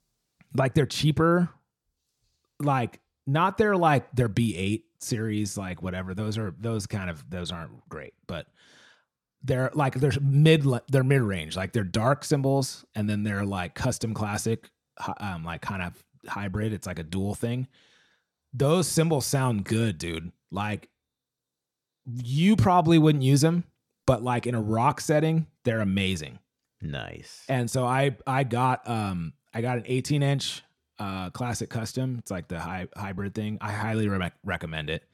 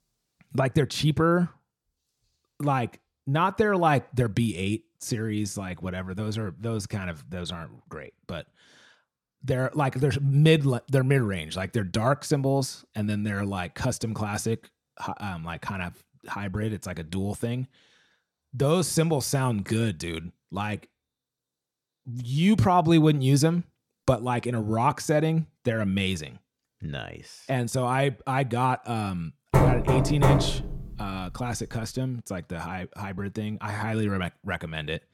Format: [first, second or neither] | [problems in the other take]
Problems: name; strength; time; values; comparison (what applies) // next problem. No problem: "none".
first | door banging; loud; from 30 to 31 s; peak 5 dB above the speech